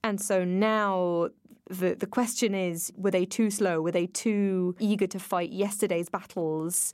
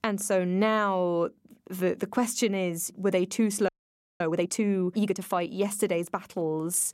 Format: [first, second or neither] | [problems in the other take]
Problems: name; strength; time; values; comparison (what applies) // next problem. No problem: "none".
first | audio freezing; at 3.5 s for 0.5 s